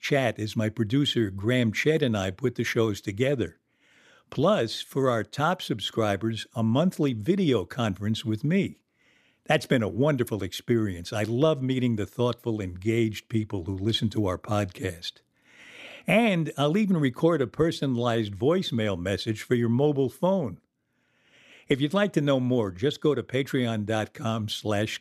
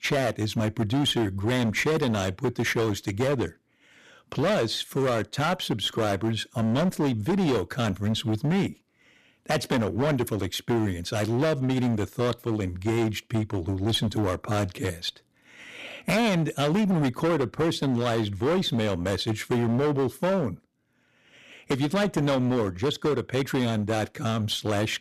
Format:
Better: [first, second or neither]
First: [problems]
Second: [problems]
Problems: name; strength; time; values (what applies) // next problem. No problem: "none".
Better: first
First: none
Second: distortion; heavy; 17% of the sound clipped